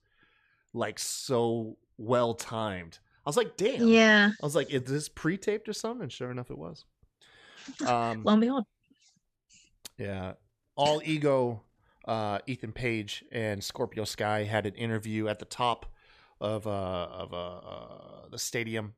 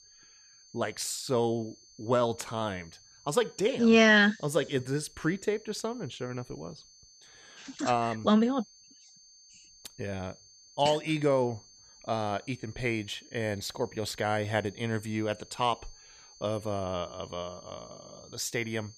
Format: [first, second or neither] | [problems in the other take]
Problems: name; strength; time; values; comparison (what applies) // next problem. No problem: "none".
first | high-pitched whine; faint; throughout; 6.5 kHz, 25 dB below the speech